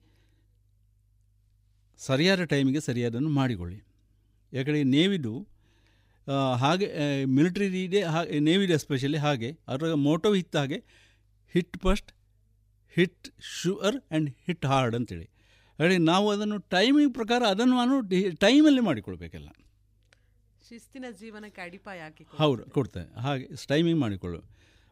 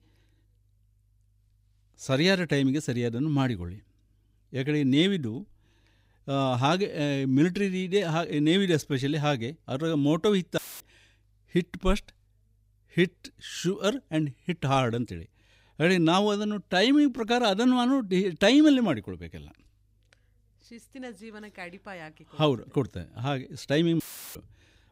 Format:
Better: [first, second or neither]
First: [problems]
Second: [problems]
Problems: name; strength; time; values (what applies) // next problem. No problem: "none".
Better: first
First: none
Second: audio cutting out; filled with static; at 11 s and at 24 s